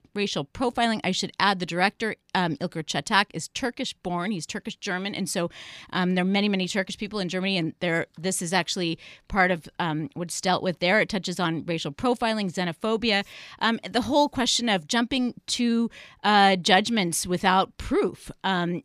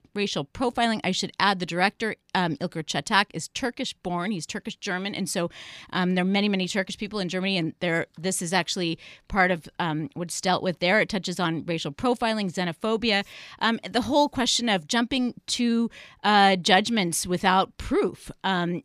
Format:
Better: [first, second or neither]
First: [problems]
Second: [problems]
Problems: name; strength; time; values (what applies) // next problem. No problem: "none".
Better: neither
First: none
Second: none